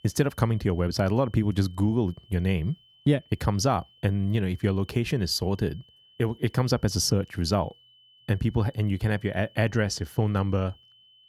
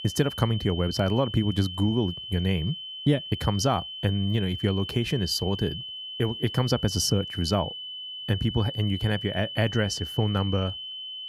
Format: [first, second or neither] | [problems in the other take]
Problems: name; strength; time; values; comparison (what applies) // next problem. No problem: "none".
first | high-pitched whine; loud; throughout; 3 kHz, 8 dB below the speech; faint in the first